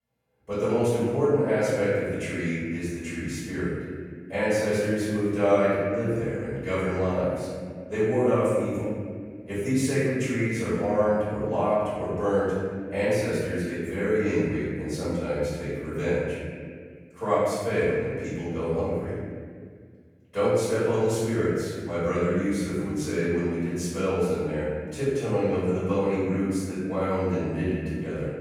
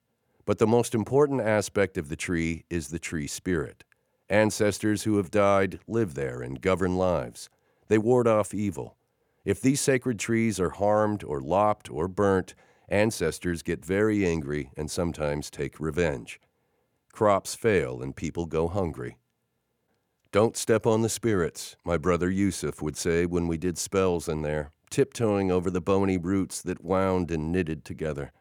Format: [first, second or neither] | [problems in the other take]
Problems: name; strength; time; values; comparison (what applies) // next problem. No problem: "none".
second | off-mic speech; far // room echo; strong; dies away in 2 s